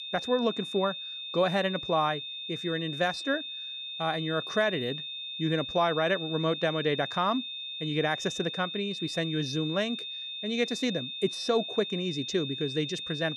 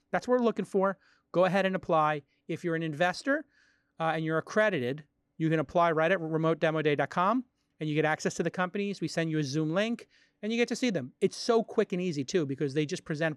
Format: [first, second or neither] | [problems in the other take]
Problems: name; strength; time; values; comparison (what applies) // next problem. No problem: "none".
second | high-pitched whine; loud; throughout; 3.5 kHz, 5 dB below the speech